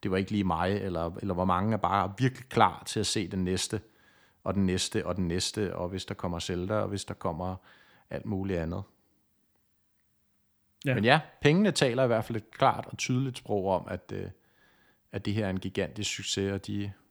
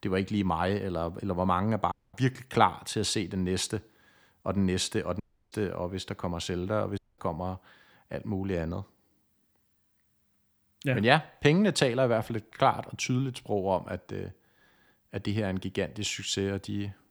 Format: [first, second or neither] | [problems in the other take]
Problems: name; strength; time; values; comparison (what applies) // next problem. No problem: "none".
first | audio cutting out; at 2 s, at 5 s and at 7 s